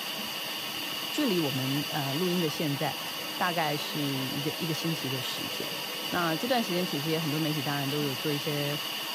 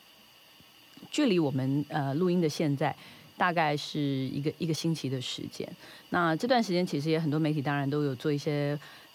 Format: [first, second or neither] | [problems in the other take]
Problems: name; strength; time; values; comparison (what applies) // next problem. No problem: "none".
second | hiss; loud; throughout; as loud as the speech; faint in the second